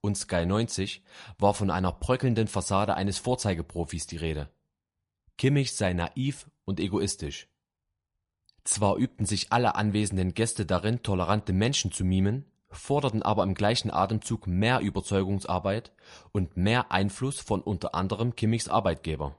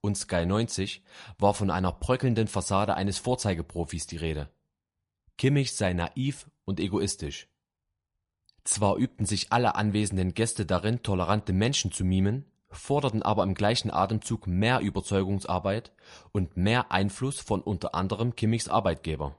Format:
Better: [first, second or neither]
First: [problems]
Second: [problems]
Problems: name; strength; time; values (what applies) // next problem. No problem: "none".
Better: neither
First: garbled, watery; slightly; nothing above 11 kHz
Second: garbled, watery; slightly; nothing above 11 kHz